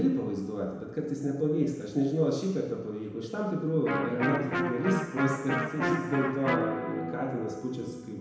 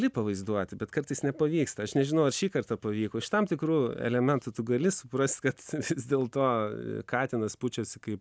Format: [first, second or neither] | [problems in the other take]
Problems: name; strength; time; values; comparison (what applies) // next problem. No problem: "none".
second | background sound (Electric guitar); 5 dB below the speech // room echo; dies away in 1 s